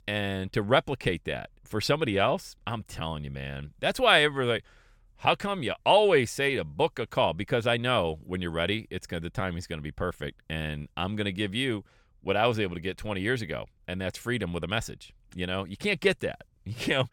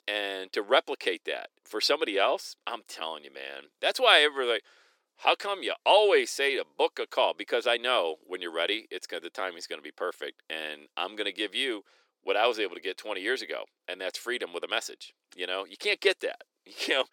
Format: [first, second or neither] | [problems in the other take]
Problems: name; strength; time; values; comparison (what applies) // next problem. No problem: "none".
first | thin; very; fading below 300 Hz